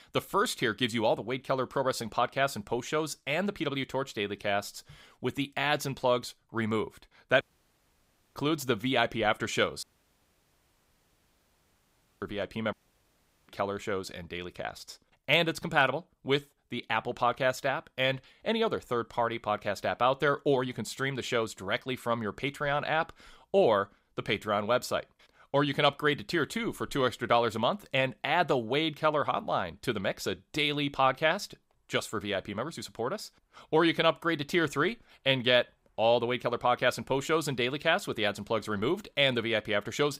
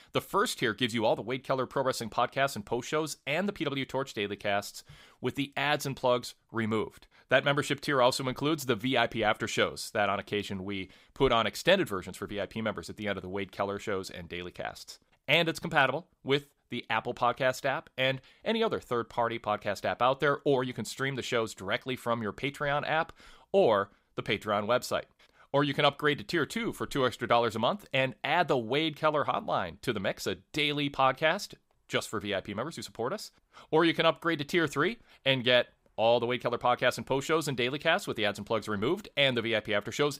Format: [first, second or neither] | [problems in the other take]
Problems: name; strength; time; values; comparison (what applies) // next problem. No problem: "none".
second | audio cutting out; at 7.5 s for 1 s, at 10 s for 2.5 s and at 13 s for 1 s